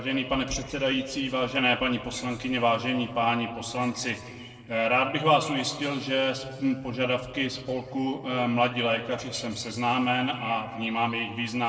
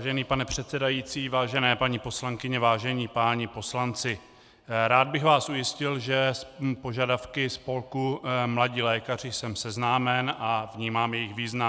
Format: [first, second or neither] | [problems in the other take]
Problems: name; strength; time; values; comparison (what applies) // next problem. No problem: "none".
second | noise reduction (neural separator model SepFormer DNS4)